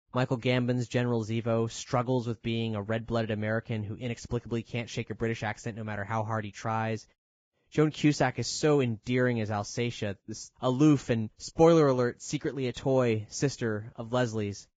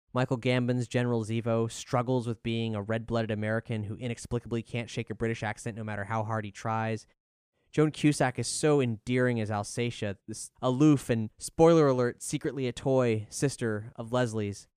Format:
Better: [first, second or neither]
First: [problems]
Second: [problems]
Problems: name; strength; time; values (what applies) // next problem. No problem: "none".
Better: second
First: garbled, watery; badly; nothing above 7.5 kHz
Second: none